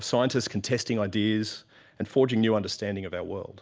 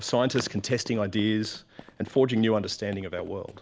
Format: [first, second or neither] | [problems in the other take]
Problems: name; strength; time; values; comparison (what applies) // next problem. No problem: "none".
first | background sound (Run); 19 dB below the speech